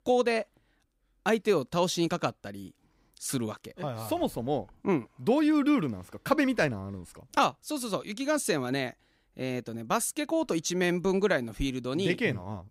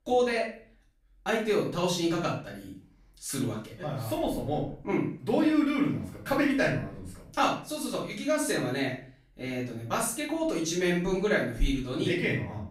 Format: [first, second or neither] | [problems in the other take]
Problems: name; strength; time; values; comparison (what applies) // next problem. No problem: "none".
first | room echo; noticeable; dies away in 0.4 s // off-mic speech; far